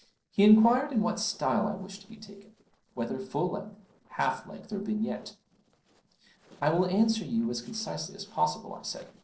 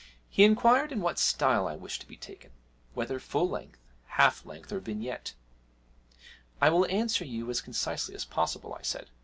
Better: second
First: noise reduction (neural separator model SepFormer DNS4)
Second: none

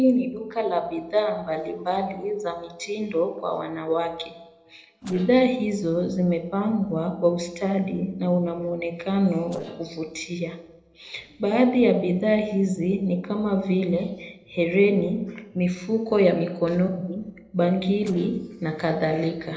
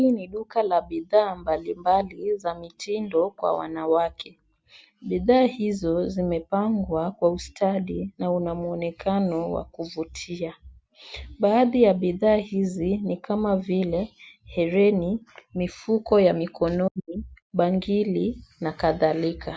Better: second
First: noise reduction (neural separator model SepFormer DNS4)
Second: none

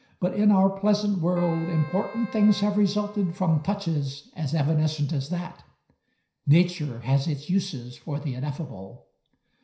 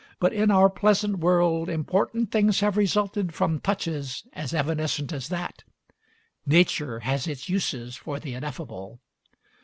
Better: second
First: background sound (Keyboard (musical)); 20 dB below the speech // room echo; dies away in 0.5 s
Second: none

